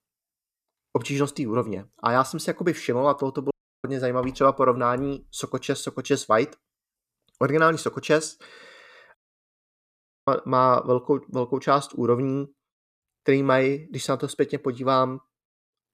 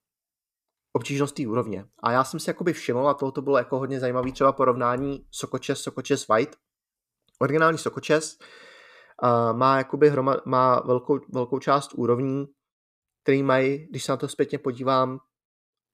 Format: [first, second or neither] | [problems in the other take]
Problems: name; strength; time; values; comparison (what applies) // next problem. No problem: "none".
second | audio cutting out; at 3.5 s and at 9 s for 1 s